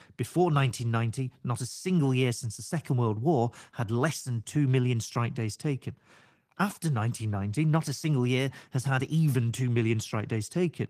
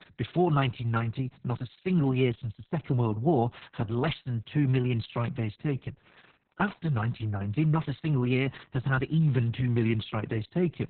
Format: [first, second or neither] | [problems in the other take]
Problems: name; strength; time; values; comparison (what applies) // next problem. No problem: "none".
first | garbled, watery; badly; nothing above 4 kHz; slightly in the first